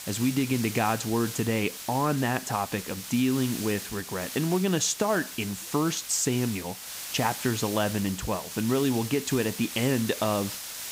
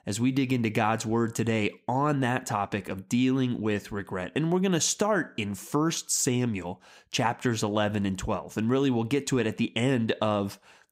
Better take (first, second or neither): second